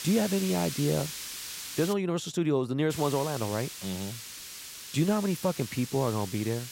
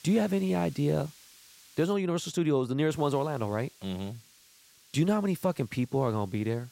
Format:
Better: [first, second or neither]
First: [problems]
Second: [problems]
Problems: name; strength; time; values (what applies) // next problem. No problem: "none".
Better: second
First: hiss; loud; until 2 s and from 3 s on; 8 dB below the speech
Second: hiss; faint; until 2 s and from 3 s on; 25 dB below the speech